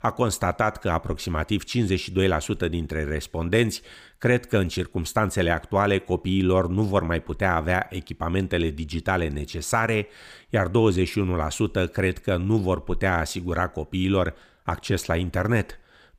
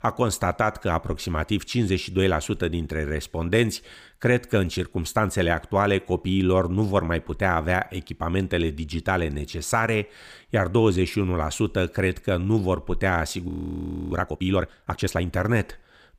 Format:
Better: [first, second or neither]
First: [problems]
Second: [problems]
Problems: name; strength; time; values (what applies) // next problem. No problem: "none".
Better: first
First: none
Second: audio freezing; at 13 s for 0.5 s